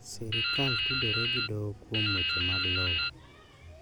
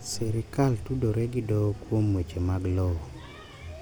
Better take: second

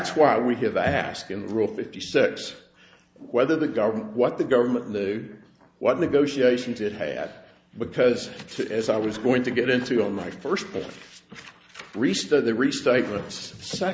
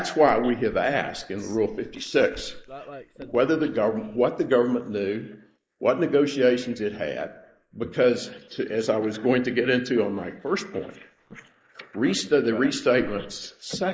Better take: first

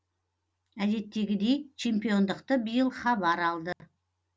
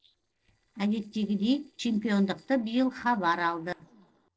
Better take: first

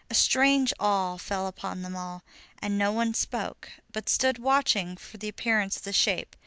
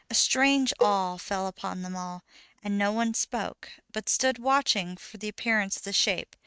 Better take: first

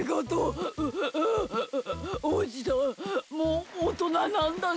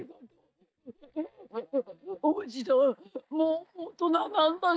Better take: first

